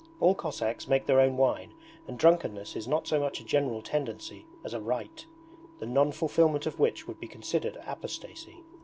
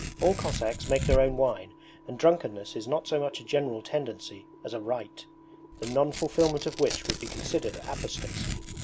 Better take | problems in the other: first | background sound (Tearing); 8 dB below the speech

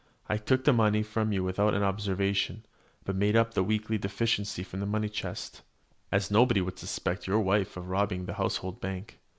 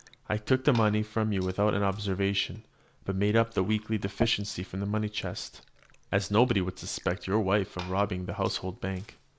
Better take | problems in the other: first | background sound (Liquid); 18 dB below the speech

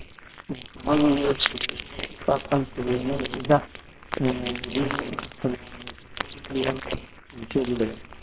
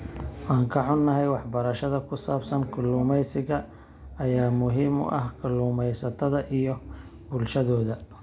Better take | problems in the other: second | noise reduction (neural separator model SepFormer WHAMR!)

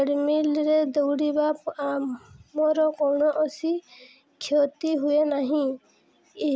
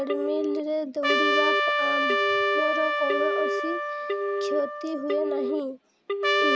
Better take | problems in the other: first | background sound (Trumpet + Telephone); 5 dB above the speech

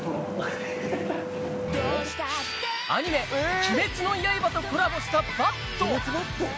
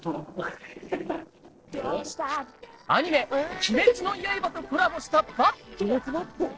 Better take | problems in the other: first | noise reduction (neural separator model SepFormer DNS4)

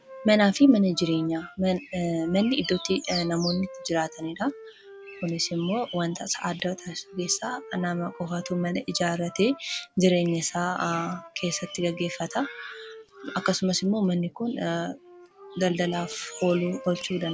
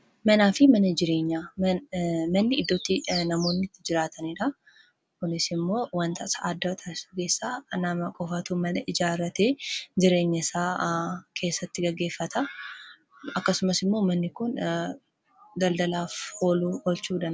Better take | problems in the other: second | background sound (Wind instrument, woodwind instrument + Bird vocalization, bird call, bird song); 18 dB below the speech

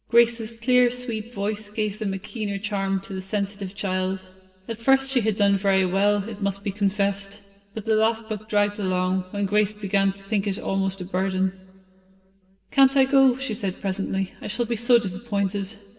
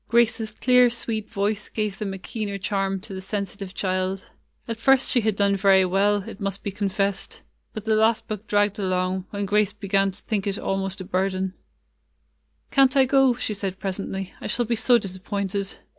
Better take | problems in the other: second | room echo; dies away in 2.8 s

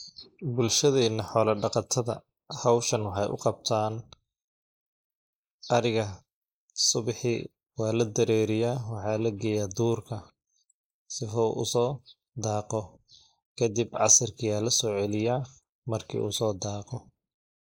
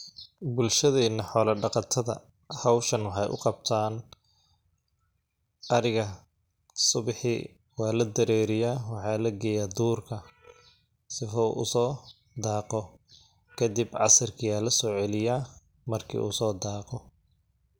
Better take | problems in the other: second | noise reduction (neural mask model Resemble Enhance denoiser)

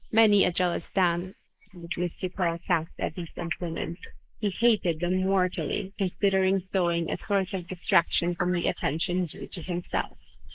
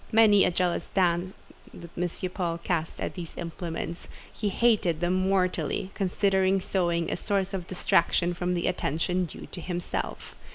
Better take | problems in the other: second | noise reduction (neural mask model Resemble Enhance denoiser)

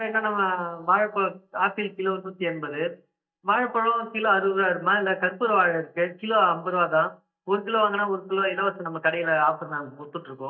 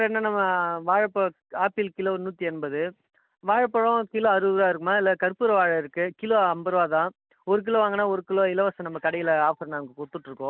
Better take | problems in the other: second | noise reduction (neural mask model DeepFilterNet 3)

